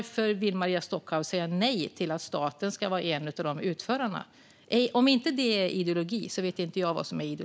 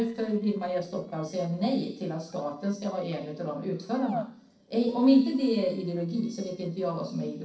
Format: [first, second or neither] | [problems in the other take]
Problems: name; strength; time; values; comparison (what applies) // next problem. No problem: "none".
first | noise reduction (neural separator model SepFormer DNS4)